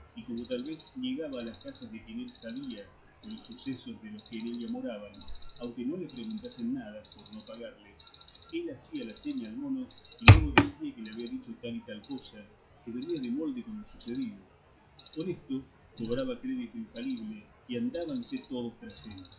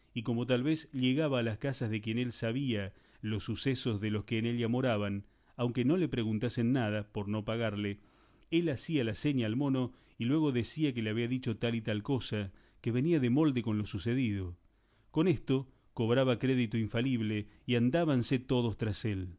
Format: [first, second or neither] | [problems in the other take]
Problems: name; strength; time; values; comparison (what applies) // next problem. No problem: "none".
second | noise reduction (classical method WPE with log-MMSE)